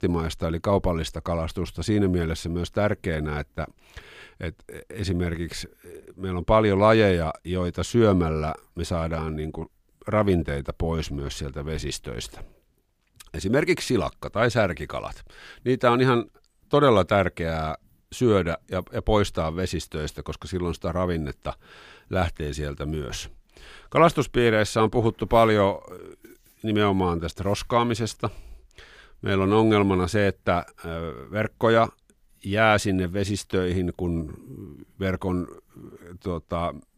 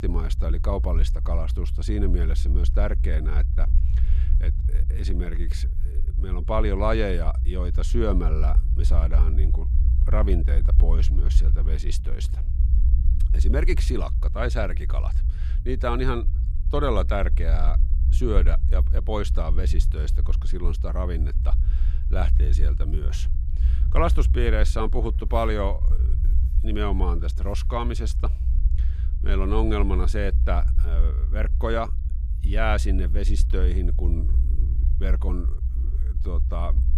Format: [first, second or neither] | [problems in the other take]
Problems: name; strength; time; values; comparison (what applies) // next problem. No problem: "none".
first | low rumble; noticeable; throughout; 15 dB below the speech